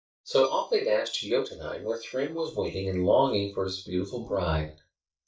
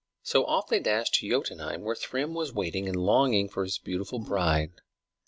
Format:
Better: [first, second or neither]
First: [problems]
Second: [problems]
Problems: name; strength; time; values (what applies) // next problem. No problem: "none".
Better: second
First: noise reduction (neural mask model DeepFilterNet 3)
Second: none